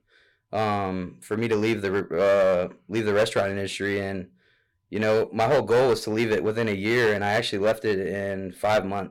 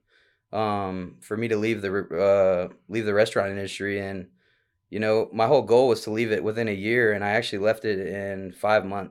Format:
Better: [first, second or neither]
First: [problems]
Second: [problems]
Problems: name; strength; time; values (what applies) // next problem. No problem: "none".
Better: second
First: distortion; slight; 7% of the sound clipped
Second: none